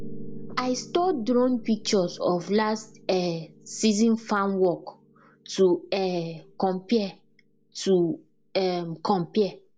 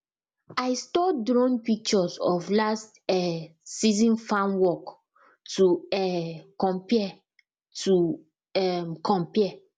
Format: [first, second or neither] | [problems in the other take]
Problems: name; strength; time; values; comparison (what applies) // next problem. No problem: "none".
second | background sound (Piano); 17 dB below the speech